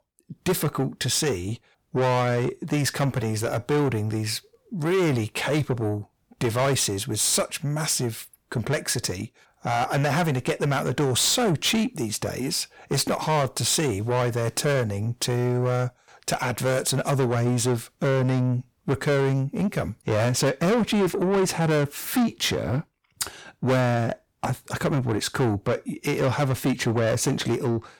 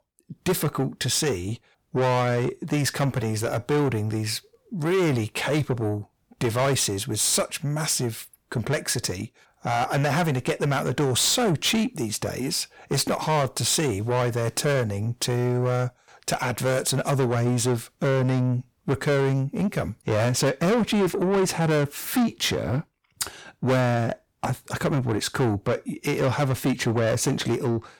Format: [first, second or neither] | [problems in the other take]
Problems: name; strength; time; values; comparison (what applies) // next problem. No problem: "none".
neither | distortion; heavy; 7 dB below the speech; the same in both